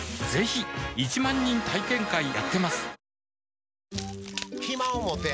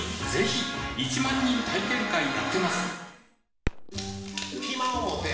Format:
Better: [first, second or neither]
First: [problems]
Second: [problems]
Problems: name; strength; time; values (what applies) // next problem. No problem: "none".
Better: first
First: none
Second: background sound (Fireworks); 13 dB below the speech // room echo; dies away in 0.9 s